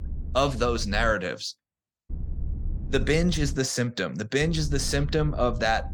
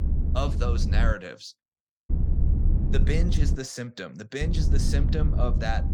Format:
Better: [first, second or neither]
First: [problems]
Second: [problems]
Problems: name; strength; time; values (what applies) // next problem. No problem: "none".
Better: first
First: low rumble; faint; until 1 s, from 2 to 3.5 s and from 4.5 s on; 25 dB below the speech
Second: low rumble; loud; until 1 s, from 2 to 3.5 s and from 4.5 s on; 7 dB below the speech